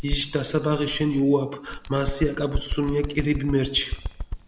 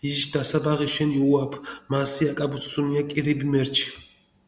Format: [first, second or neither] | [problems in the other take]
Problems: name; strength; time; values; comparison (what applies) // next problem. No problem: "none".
second | background sound (Bird); 7 dB below the speech